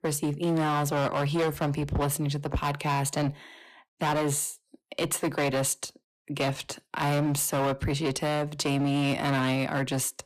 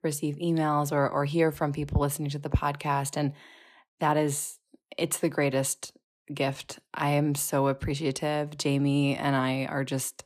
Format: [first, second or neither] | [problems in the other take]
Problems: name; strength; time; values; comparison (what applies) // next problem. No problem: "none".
second | distortion; heavy; 16% of the sound clipped